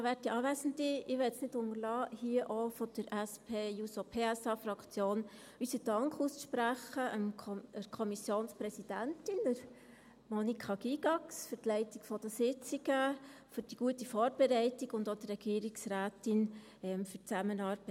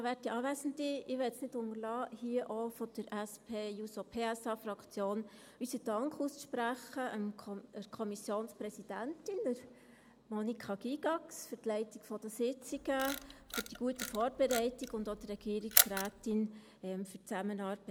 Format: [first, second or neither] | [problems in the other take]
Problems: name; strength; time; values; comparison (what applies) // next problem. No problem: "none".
first | background sound (Camera); 1 dB above the speech